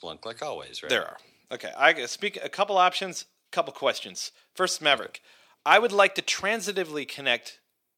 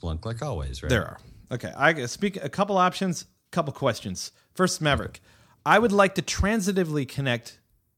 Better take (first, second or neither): second